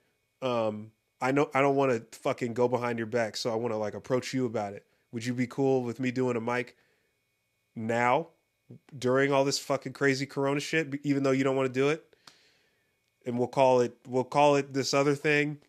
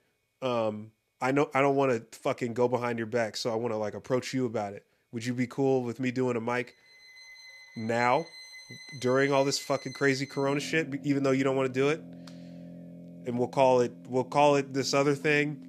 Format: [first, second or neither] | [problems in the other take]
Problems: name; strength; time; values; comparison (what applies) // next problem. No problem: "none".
first | background music; noticeable; from 7 s on; 20 dB below the speech